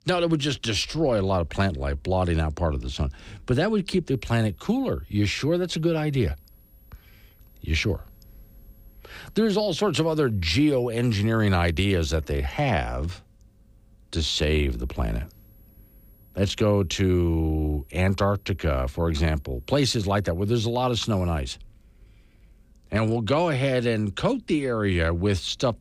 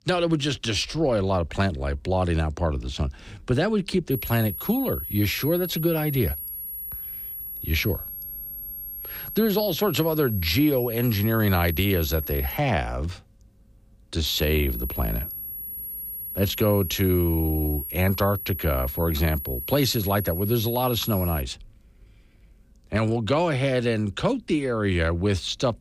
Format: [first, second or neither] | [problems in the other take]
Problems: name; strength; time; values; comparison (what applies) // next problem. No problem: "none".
first | high-pitched whine; loud; from 4 to 13 s and from 14 to 21 s; 11.5 kHz, 7 dB below the speech; faint in the first